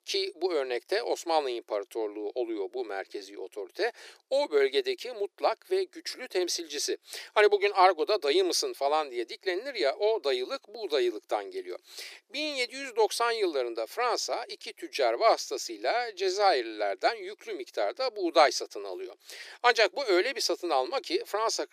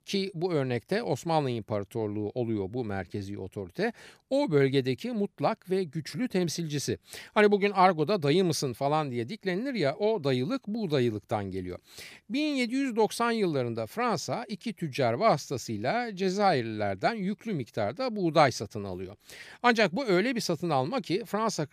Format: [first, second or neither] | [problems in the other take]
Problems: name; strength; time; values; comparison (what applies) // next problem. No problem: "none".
second | thin; very; fading below 350 Hz